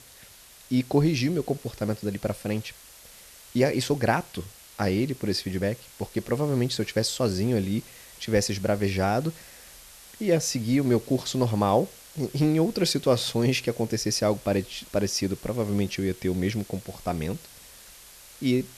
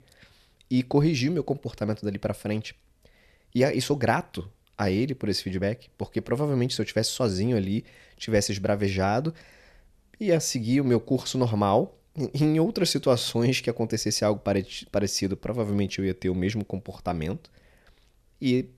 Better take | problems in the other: second | hiss; noticeable; throughout; 20 dB below the speech

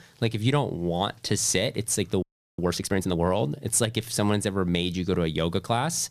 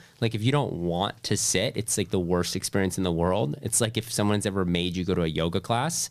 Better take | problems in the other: second | audio freezing; at 2 s

